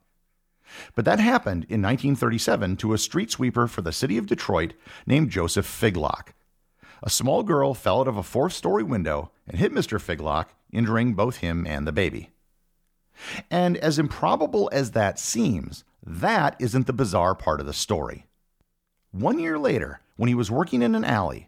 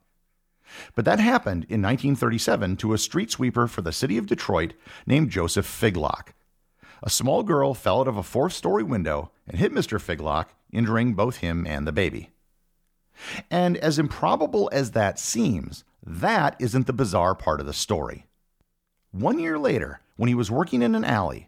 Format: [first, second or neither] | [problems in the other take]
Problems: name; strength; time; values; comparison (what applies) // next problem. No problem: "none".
neither | none